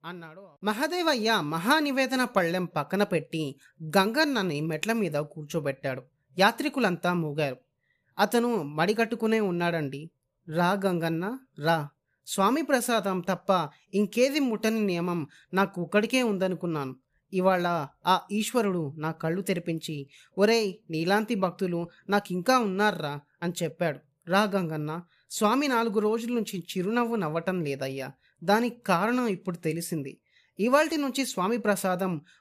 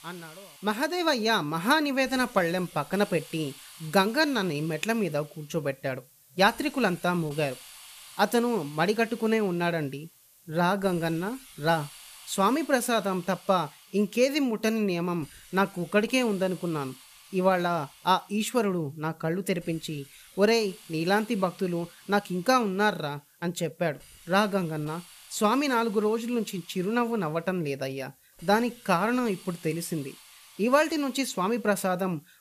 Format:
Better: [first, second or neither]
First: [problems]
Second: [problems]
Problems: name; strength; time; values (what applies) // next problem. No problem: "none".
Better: first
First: none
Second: hiss; faint; throughout; 20 dB below the speech